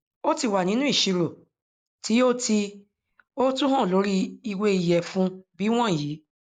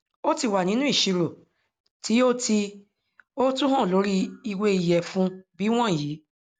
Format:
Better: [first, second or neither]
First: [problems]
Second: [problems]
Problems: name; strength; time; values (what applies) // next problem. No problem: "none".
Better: second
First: noise reduction (neural mask model Resemble Enhance denoiser)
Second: none